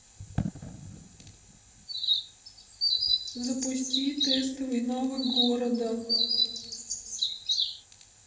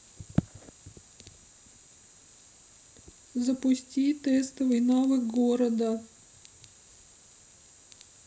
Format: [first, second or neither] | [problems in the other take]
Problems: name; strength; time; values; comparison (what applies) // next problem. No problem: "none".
second | background sound (Chirp, tweet); 3 dB above the speech // room echo; dies away in 2.7 s